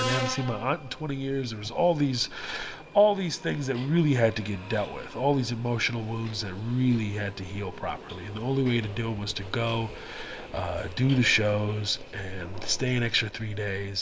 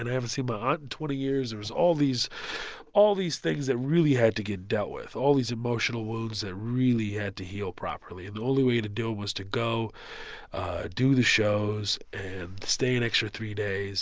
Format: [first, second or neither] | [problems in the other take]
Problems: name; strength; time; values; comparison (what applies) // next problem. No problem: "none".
second | background sound (Subway, metro, underground); 14 dB below the speech // room echo; dies away in 0.8 s